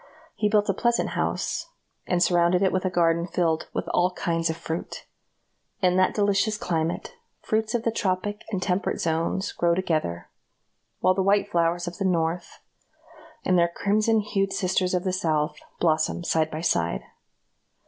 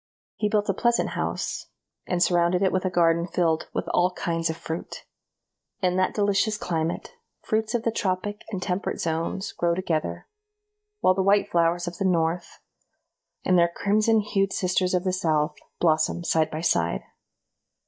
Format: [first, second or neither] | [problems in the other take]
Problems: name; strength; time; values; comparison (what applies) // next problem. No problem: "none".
first | noise reduction (neural mask model DeepFilterNet 3)